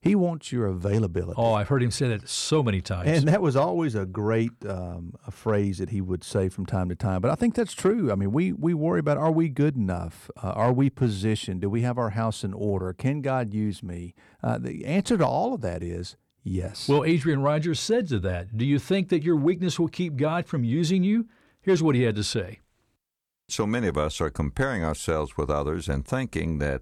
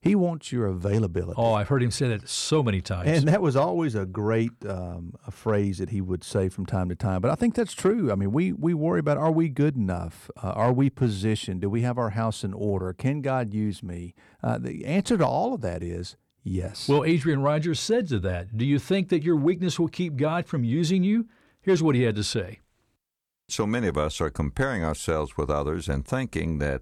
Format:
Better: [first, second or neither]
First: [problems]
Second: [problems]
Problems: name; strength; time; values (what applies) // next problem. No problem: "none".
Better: neither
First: none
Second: none